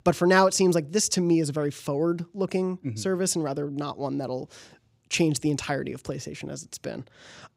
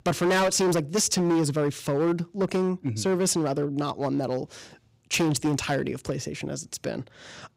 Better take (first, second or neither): first